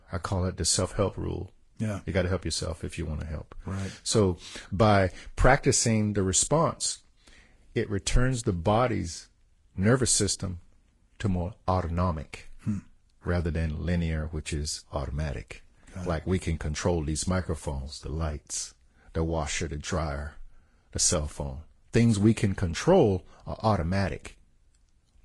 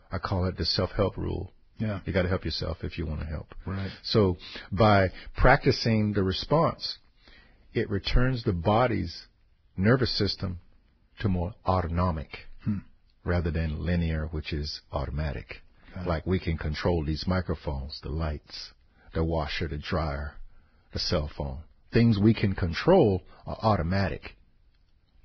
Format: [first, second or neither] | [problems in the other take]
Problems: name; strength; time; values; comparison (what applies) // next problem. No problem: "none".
first | garbled, watery; badly; nothing above 5 kHz; slightly in the first